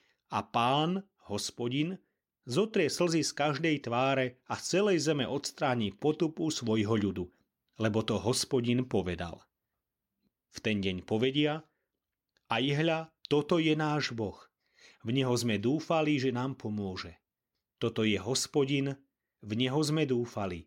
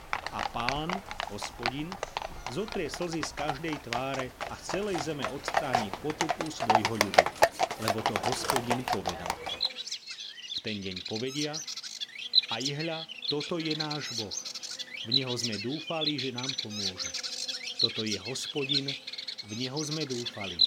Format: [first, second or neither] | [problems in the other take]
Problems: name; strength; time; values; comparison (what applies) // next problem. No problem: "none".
first | animal sounds; very loud; throughout; 5 dB above the speech